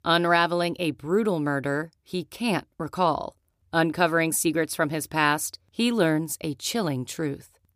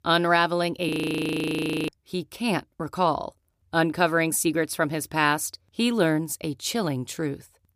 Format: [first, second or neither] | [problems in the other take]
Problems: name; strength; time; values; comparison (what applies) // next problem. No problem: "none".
first | audio freezing; at 1 s for 1 s